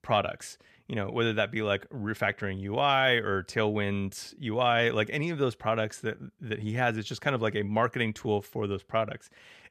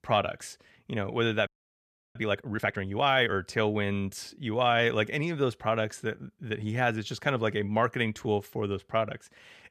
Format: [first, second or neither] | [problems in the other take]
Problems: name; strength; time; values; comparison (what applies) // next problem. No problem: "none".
first | audio freezing; at 1.5 s for 0.5 s